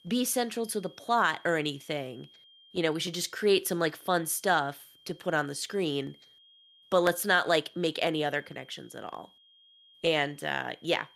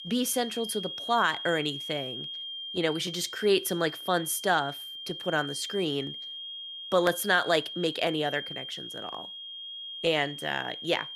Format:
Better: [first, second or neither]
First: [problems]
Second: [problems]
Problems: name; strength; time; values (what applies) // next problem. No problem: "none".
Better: first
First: high-pitched whine; faint; throughout; 3 kHz, 30 dB below the speech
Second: high-pitched whine; loud; throughout; 3 kHz, 8 dB below the speech